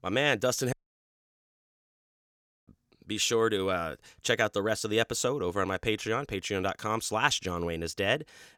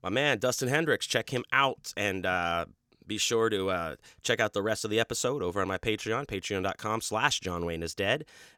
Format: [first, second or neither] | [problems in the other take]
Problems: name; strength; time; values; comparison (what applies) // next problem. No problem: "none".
second | audio cutting out; at 0.5 s for 2 s